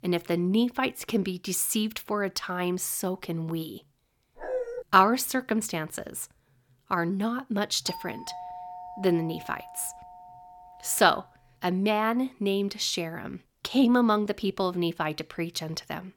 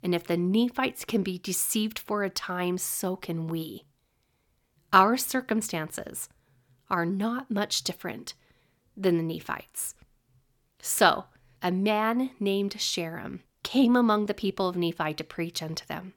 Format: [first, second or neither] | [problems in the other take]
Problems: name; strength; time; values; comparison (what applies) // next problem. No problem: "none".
second | dog barking; noticeable; at 4.5 s; peak 5 dB below the speech // doorbell; faint; from 8 to 11 s; peak 10 dB below the speech